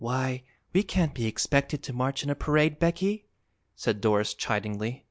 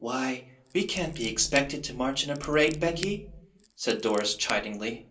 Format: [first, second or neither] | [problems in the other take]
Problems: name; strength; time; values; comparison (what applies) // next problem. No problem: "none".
first | background sound (Scissors); 16 dB below the speech // room echo; dies away in 0.3 s